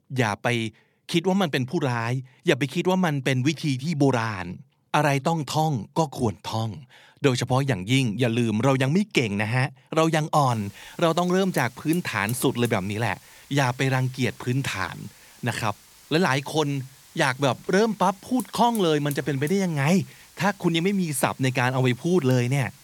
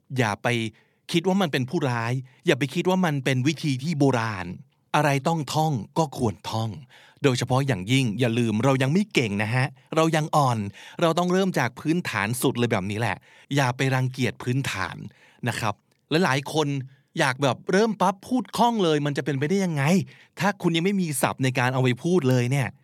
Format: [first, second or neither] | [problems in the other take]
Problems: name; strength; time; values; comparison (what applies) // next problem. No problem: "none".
second | hiss; faint; from 10 s on; 20 dB below the speech